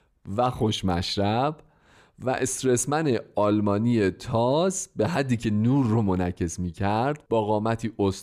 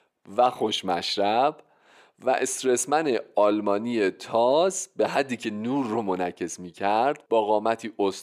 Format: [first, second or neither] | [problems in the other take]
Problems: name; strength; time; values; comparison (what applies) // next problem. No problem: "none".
first | thin; somewhat; fading below 350 Hz